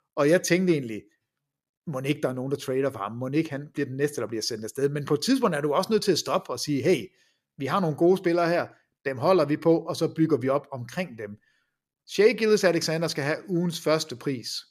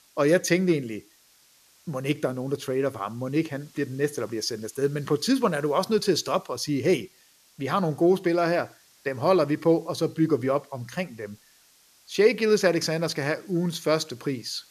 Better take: first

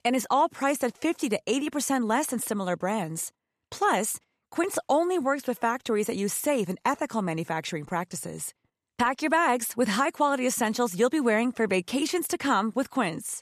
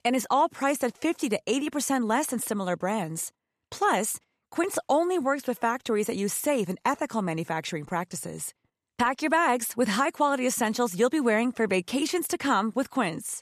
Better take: neither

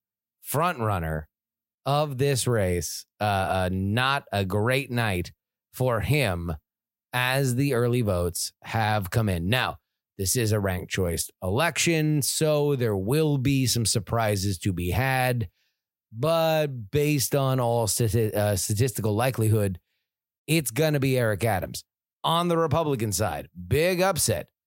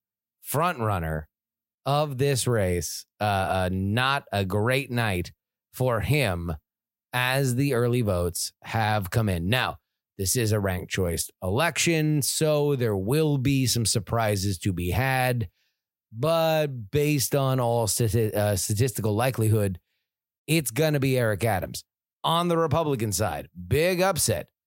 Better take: neither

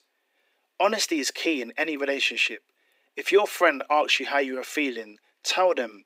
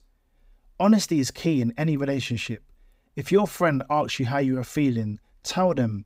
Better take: second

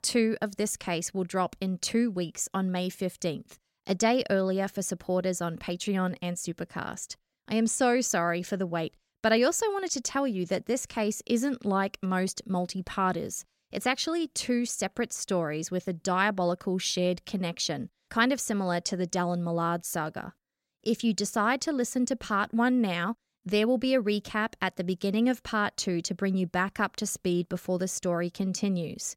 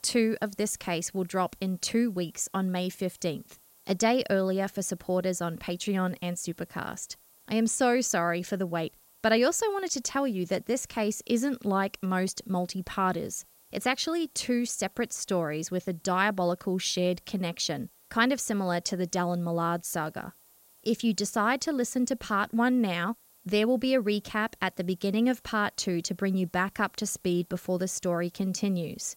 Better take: first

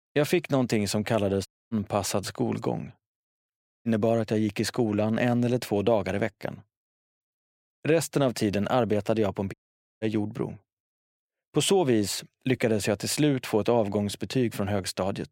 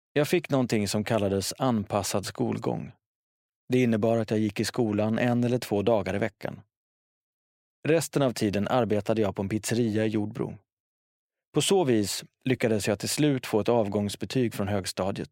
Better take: second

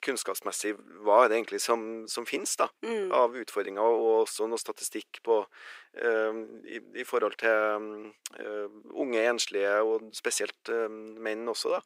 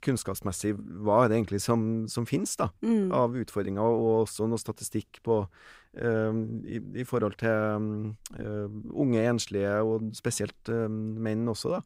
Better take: second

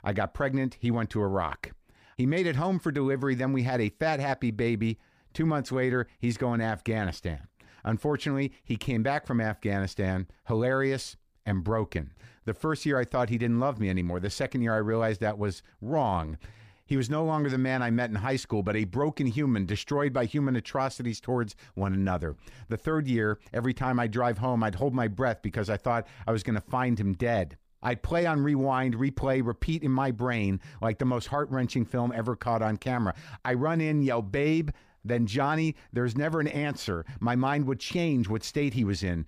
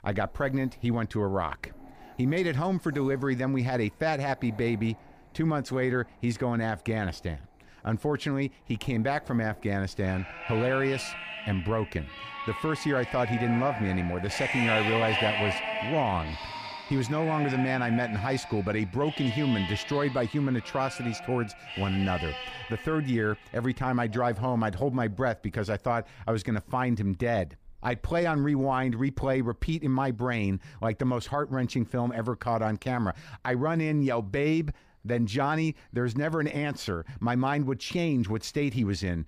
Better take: first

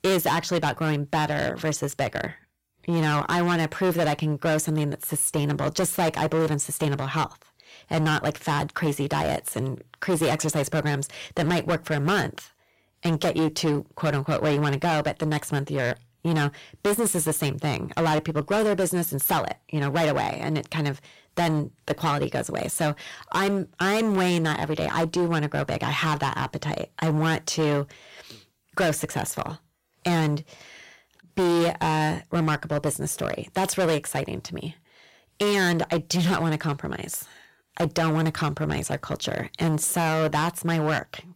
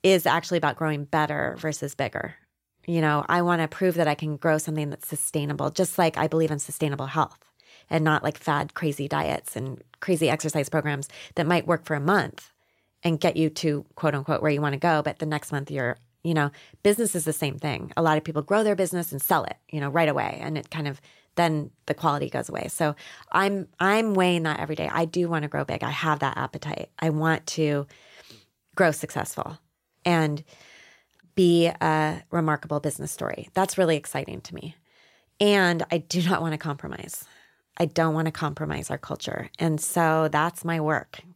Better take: second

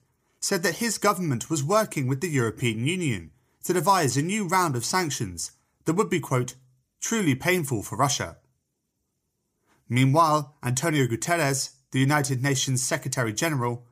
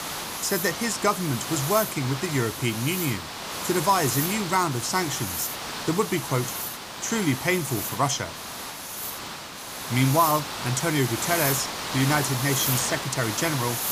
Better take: first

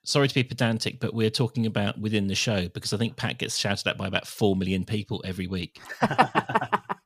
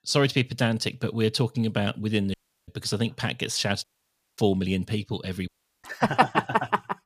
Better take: first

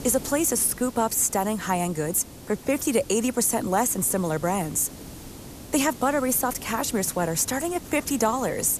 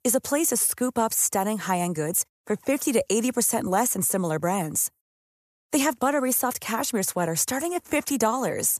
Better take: second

